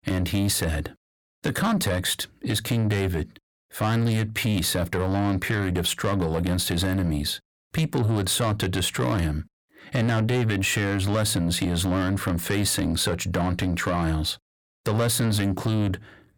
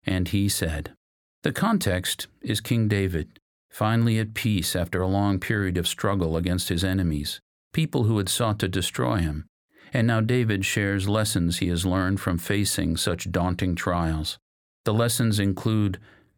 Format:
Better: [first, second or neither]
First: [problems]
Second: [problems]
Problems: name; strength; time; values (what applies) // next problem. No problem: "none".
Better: second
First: distortion; slight; 9 dB below the speech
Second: none